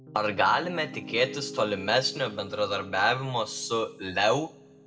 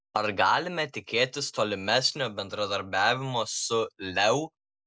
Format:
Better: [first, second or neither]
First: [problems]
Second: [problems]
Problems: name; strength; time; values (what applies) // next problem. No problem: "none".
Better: second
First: background sound (Piano); 16 dB below the speech // room echo; dies away in 0.5 s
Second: none